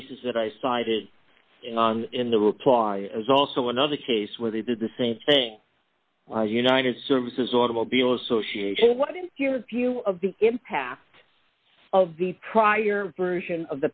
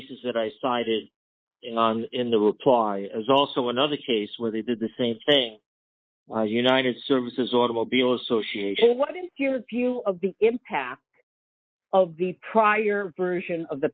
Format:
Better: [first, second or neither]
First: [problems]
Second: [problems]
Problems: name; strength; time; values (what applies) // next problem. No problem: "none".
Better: first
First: none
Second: noise reduction (neural mask model Resemble Enhance denoiser)